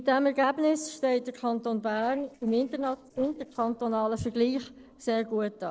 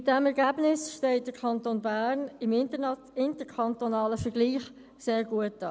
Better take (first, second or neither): second